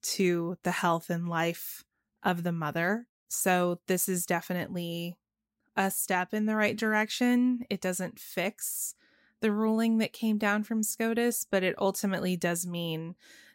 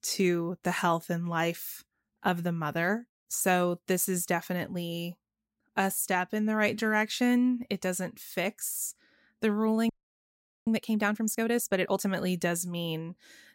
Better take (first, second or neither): first